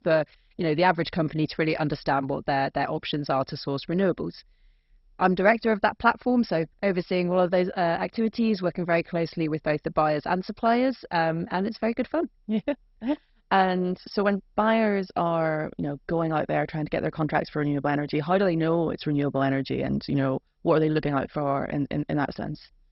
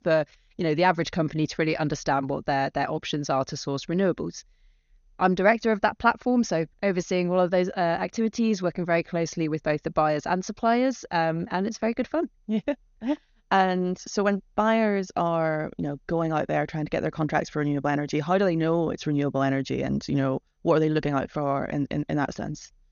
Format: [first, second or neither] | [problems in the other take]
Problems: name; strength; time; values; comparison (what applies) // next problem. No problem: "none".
second | garbled, watery; badly; nothing above 5.5 kHz; slightly in the second